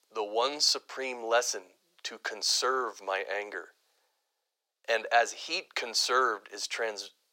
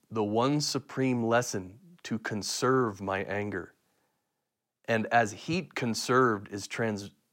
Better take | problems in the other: second | thin; very; fading below 500 Hz

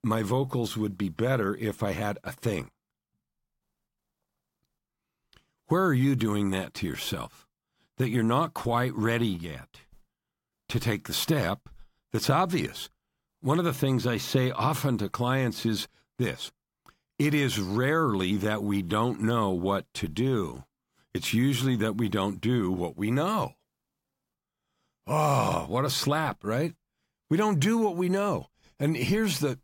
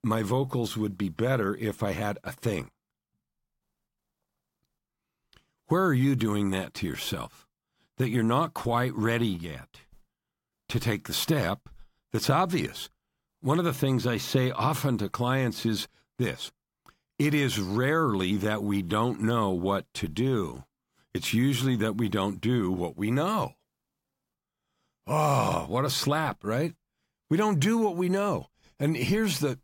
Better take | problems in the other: neither | none

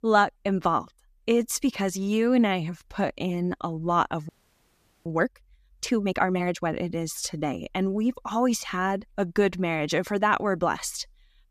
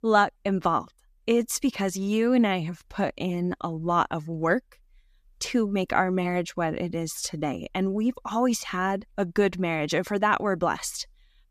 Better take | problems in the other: second | audio freezing; at 4.5 s for 1 s

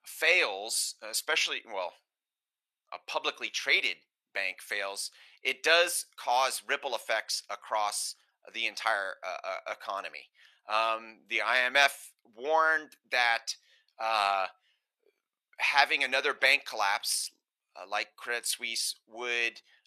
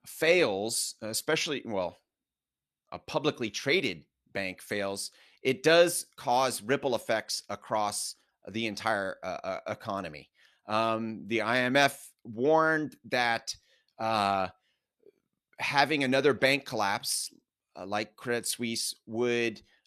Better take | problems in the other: second | thin; very; fading below 850 Hz

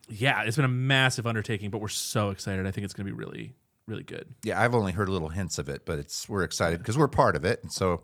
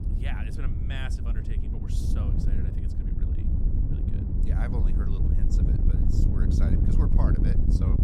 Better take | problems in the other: first | wind noise on the microphone; heavy; 2 dB above the speech

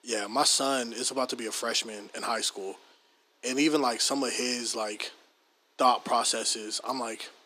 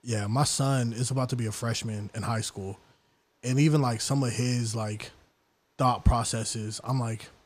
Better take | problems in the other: second | thin; somewhat; fading below 300 Hz

